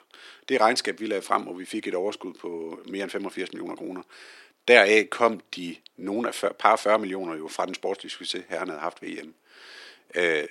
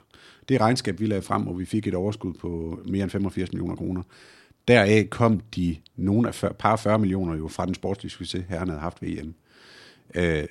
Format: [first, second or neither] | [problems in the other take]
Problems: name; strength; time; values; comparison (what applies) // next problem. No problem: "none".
second | thin; somewhat; fading below 350 Hz